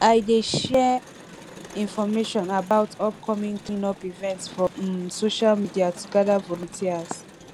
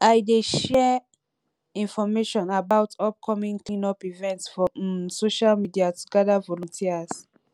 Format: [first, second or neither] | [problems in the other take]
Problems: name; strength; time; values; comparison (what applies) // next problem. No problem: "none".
second | background sound (Crowd); 19 dB below the speech